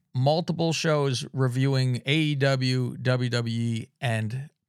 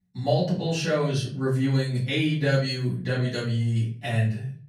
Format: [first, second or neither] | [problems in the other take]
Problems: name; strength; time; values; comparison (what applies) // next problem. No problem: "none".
first | off-mic speech; far // room echo; slight; dies away in 0.4 s